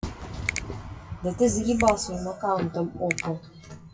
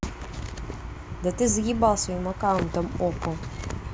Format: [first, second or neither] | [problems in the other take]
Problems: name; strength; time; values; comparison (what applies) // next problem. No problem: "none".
second | noise reduction (classical method WPE with log-MMSE)